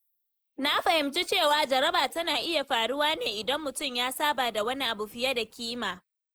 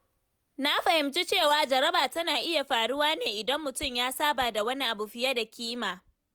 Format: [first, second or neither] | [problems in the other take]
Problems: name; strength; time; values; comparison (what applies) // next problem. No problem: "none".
second | noise reduction (neural mask model Resemble Enhance denoiser)